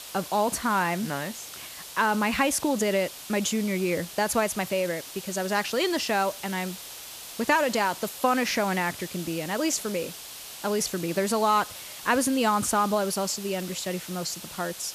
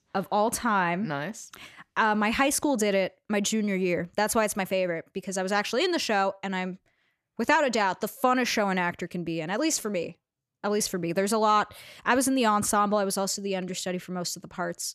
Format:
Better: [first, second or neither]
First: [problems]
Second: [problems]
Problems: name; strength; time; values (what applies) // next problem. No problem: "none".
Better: second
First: hiss; noticeable; throughout; 10 dB below the speech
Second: none